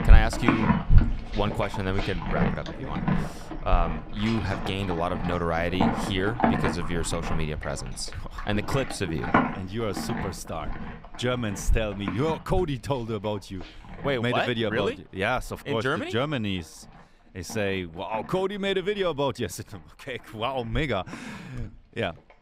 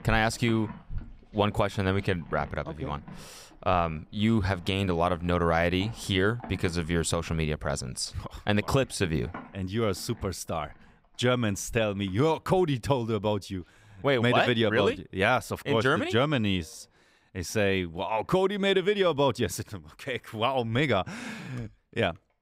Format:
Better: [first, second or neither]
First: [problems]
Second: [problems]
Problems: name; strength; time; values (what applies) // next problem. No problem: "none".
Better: second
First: animal sounds; loud; throughout; as loud as the speech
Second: animal sounds; faint; throughout; 20 dB below the speech